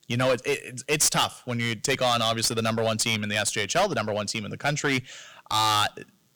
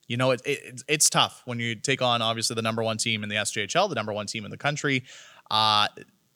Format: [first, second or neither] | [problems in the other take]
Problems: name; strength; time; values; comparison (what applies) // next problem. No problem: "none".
second | distortion; heavy; 6% of the sound clipped